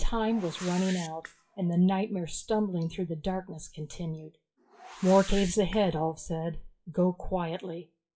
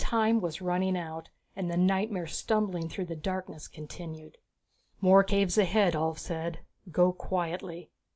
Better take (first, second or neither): second